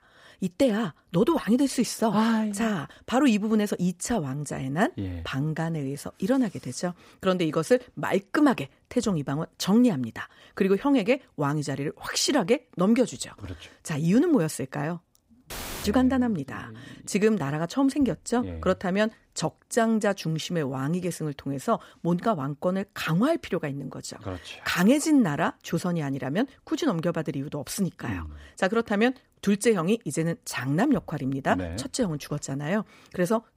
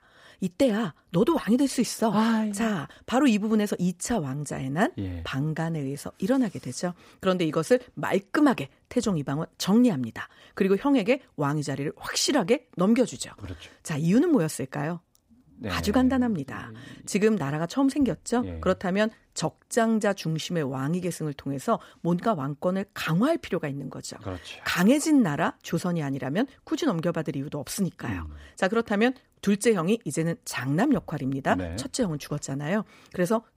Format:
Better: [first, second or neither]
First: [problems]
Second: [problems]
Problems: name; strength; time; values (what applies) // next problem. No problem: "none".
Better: second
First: audio cutting out; filled with static; at 16 s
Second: none